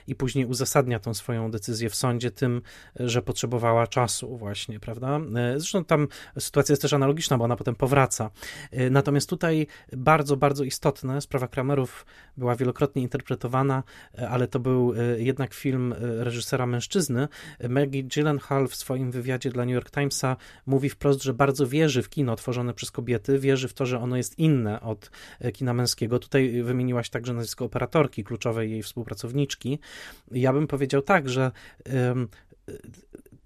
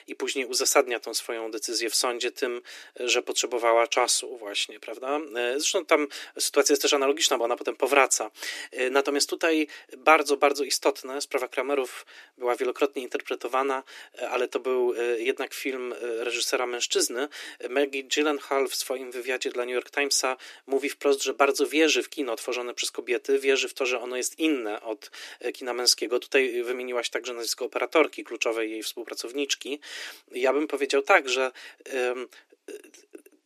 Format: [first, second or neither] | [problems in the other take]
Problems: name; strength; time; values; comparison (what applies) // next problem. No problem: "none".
first | thin; somewhat; fading below 300 Hz